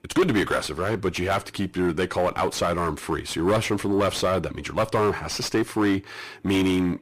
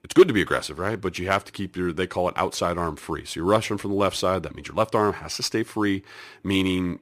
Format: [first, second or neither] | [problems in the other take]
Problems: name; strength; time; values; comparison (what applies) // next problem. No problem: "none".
second | distortion; heavy; 5 dB below the speech